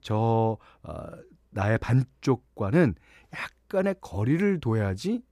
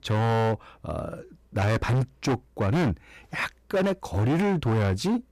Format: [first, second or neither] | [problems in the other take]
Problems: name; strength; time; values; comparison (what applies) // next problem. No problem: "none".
first | distortion; heavy; 20% of the sound clipped